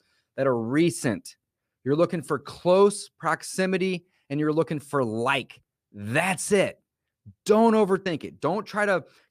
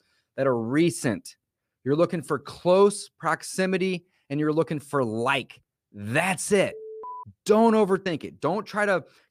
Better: first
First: none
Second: alarm; faint; at 6.5 s; peak 15 dB below the speech

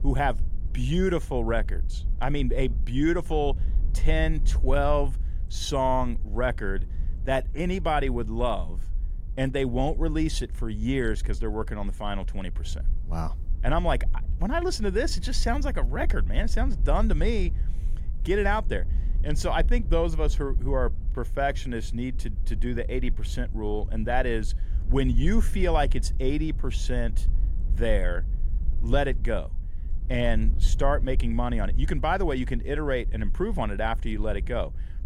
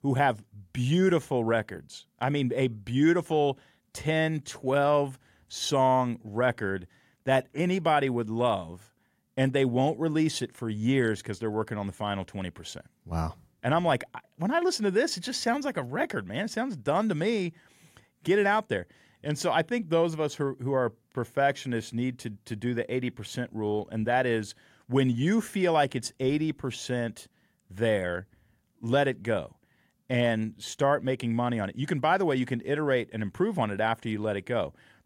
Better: second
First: wind noise on the microphone; occasional gusts; 20 dB below the speech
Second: none

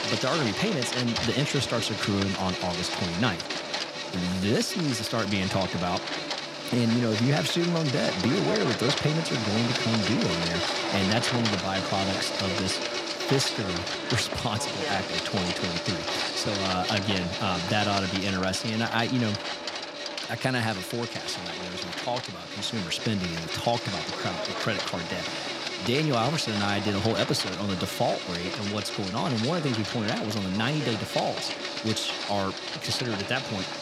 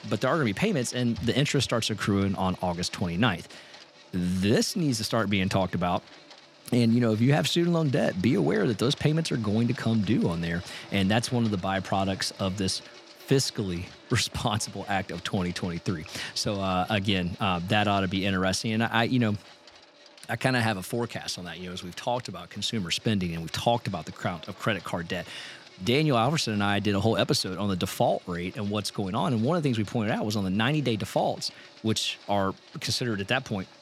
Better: second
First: household noises; loud; throughout; 2 dB below the speech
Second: household noises; faint; throughout; 20 dB below the speech

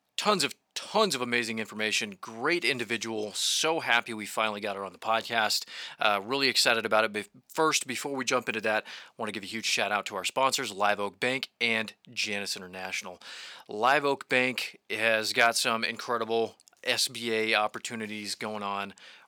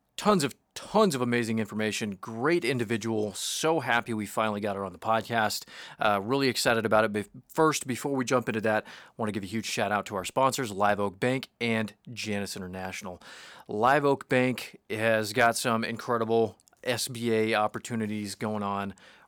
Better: second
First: thin; very slightly; fading below 400 Hz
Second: none

